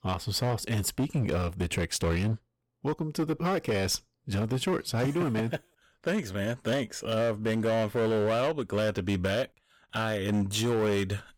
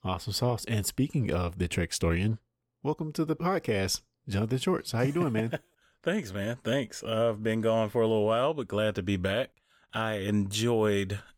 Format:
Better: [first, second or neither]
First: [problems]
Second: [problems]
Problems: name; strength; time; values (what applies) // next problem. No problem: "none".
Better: second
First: distortion; slight; 13% of the sound clipped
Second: none